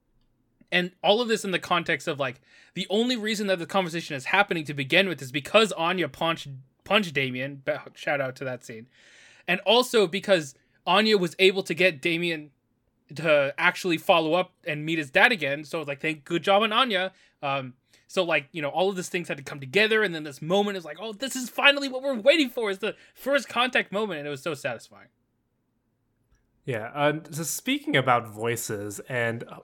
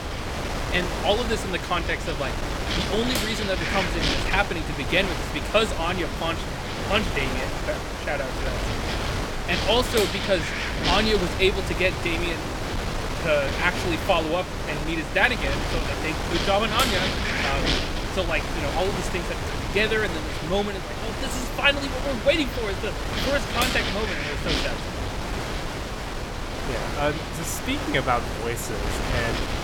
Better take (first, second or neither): first